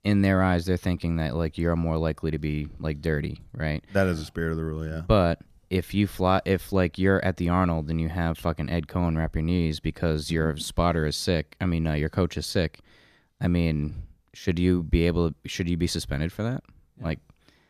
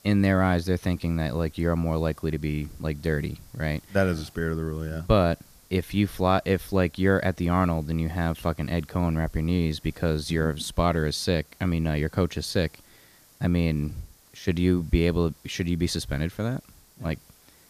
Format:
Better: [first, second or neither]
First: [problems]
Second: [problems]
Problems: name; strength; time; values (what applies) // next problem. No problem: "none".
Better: first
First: none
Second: hiss; faint; throughout; 25 dB below the speech